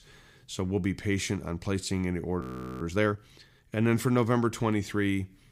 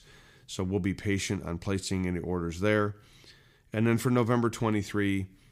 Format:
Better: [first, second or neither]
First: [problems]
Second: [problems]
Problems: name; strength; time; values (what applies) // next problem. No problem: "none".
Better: second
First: audio freezing; at 2.5 s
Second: none